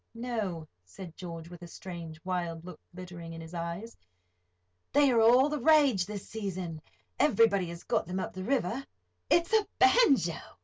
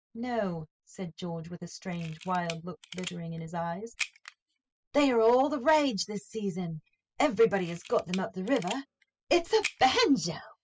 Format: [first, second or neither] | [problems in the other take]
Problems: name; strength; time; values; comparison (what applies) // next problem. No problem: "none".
first | noise reduction (classical method spectral subtraction)